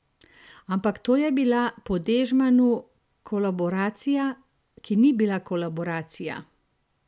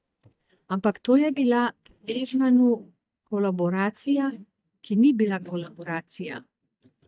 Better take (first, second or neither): first